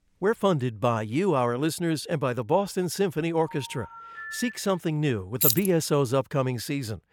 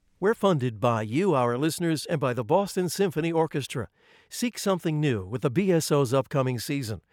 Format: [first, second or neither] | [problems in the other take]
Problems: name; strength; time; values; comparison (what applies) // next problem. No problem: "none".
second | phone ringing; noticeable; from 3.5 to 4.5 s; peak 9 dB below the speech // jangling keys; loud; at 5.5 s; peak 4 dB above the speech